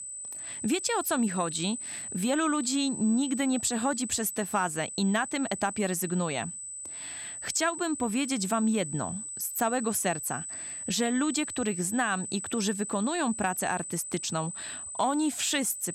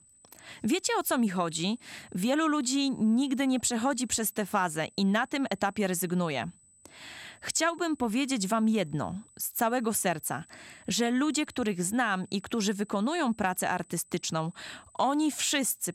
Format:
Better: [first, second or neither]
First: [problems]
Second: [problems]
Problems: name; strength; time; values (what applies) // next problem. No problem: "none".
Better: second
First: high-pitched whine; loud; throughout; 8 kHz, 7 dB below the speech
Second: high-pitched whine; faint; throughout; 8 kHz, 30 dB below the speech